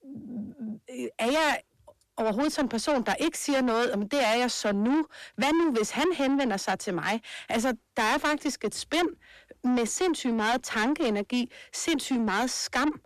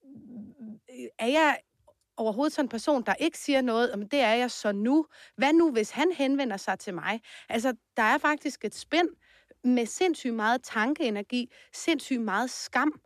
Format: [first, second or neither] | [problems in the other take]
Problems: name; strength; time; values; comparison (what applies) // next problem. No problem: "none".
second | distortion; heavy; 8 dB below the speech